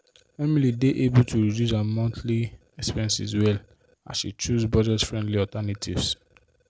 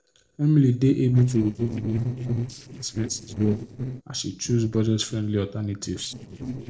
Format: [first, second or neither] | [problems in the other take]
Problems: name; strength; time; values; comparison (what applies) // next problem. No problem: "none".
first | noise reduction (neural separator model SepFormer DNS4)